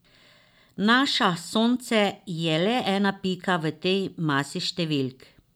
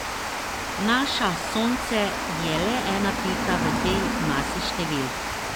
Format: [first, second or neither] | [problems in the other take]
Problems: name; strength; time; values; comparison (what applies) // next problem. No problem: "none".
first | background sound (Water); as loud as the speech